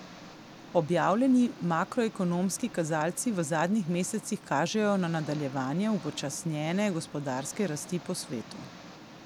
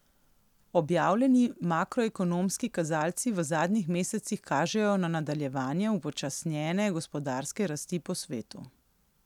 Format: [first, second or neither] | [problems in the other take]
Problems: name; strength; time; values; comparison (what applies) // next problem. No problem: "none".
second | background sound (Engine); 18 dB below the speech